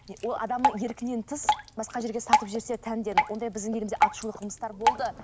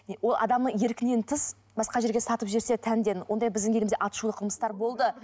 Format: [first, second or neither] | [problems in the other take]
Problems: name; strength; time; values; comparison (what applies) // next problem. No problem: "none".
second | background sound (Drip); 3 dB above the speech